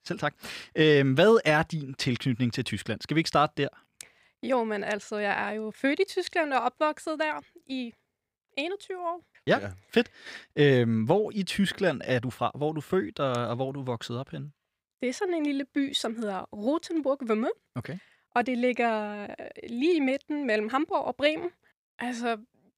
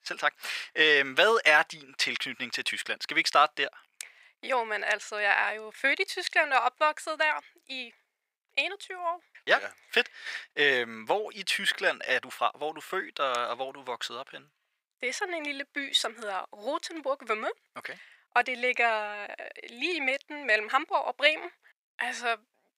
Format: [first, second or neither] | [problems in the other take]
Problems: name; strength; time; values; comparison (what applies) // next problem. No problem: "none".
first | thin; very; fading below 750 Hz